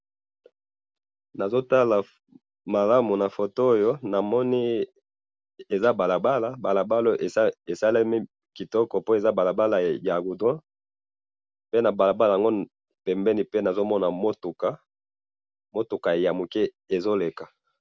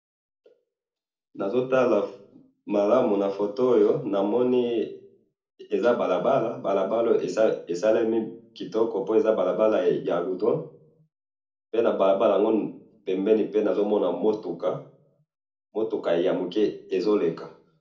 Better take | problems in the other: first | room echo; dies away in 0.3 s

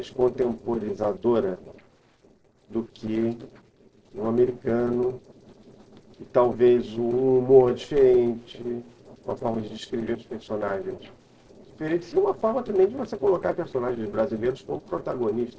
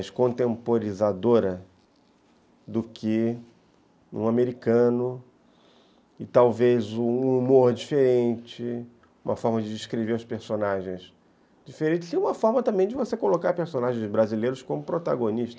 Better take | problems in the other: second | noise reduction (neural separator model SepFormer DNS4)

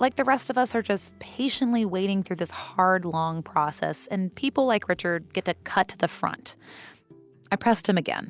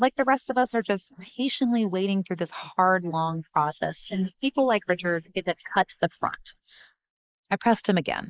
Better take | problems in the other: first | noise reduction (neural mask model Resemble Enhance denoiser)

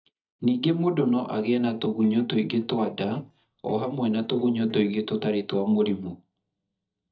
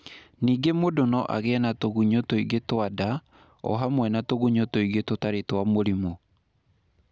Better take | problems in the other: second | noise reduction (neural mask model DeepFilterNet 3)

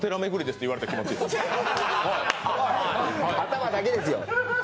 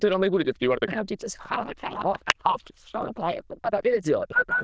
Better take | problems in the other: first | noise reduction (neural diffusion model UNIVERSE++)

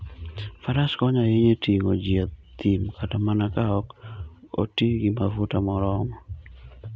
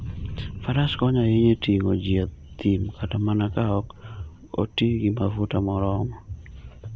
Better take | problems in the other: first | background sound (Thunder); 16 dB below the speech

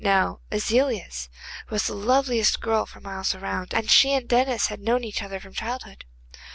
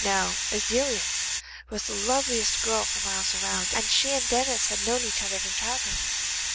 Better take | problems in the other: first | background sound (Hiss); 2 dB above the speech

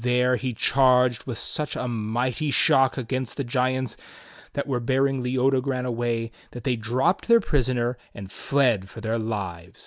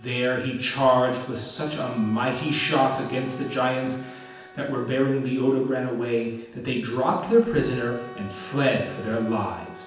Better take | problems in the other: first | background sound (Bowed string instrument); 19 dB below the speech // room echo; dies away in 0.9 s

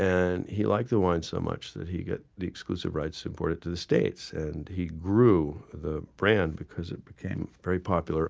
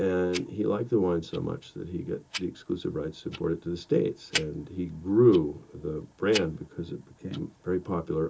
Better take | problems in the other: first | background sound (Tick-tock); 14 dB below the speech // room echo; dies away in 0.2 s

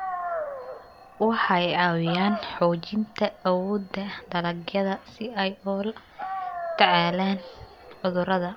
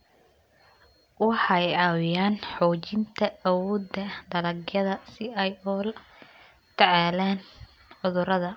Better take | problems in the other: second | background sound (Dog); 11 dB below the speech

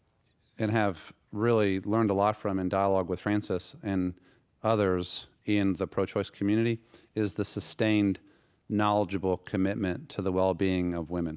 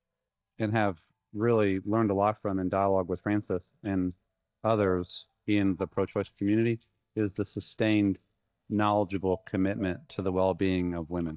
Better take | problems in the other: first | noise reduction (neural mask model DeepFilterNet 3)

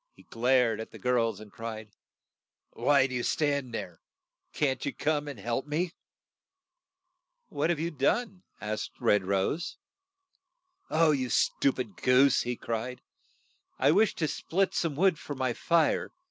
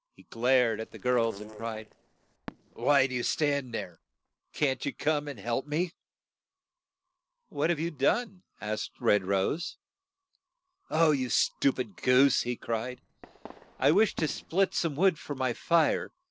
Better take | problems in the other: first | noise reduction (neural separator model SepFormer DNS4)

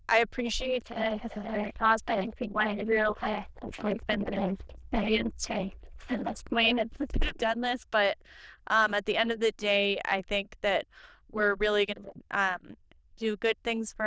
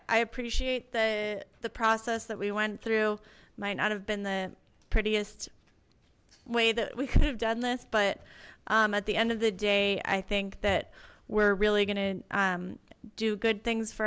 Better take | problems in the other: second | noise reduction (neural diffusion model UNIVERSE++)

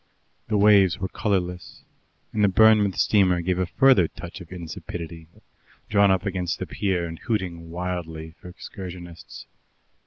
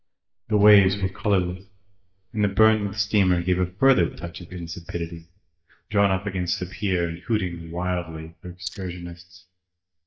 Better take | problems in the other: first | noise reduction (neural mask model DeepFilterNet 3)

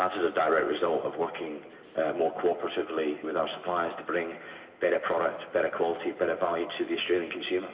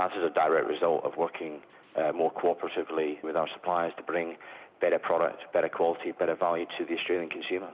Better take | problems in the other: second | room echo; dies away in 3 s

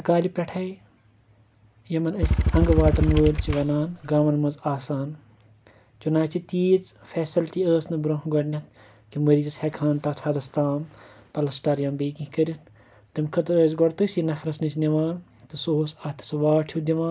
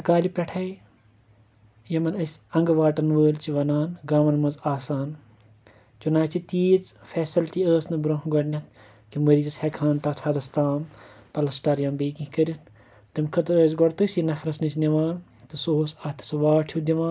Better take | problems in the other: second | background sound (Motorcycle / Engine); 2 dB above the speech

